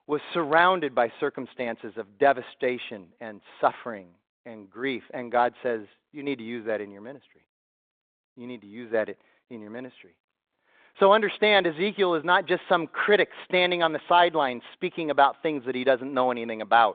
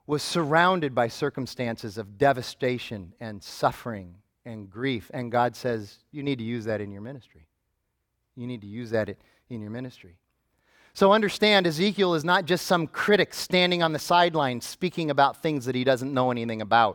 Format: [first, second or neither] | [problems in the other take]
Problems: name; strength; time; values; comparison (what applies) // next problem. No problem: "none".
second | phone-call audio; nothing above 3.5 kHz